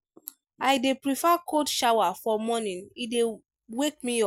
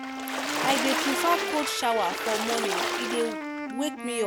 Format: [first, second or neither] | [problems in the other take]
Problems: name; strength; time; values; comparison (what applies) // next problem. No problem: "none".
first | background sound (Wind instrument, woodwind instrument + Water / Splash, splatter); as loud as the speech